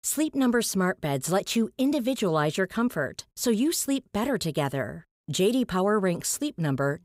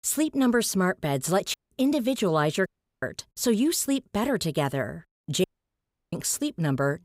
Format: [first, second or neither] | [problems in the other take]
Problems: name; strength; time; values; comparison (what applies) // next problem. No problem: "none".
first | audio cutting out; at 1.5 s, at 2.5 s and at 5.5 s for 0.5 s